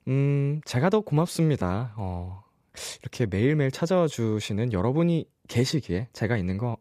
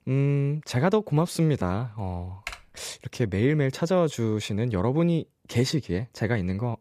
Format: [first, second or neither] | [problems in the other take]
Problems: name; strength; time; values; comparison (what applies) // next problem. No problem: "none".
first | keyboard typing; faint; at 2.5 s; peak 15 dB below the speech